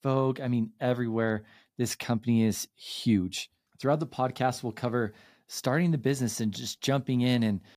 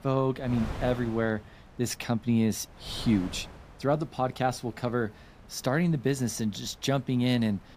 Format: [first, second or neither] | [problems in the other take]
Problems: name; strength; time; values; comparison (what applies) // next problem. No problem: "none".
first | wind noise on the microphone; occasional gusts; 15 dB below the speech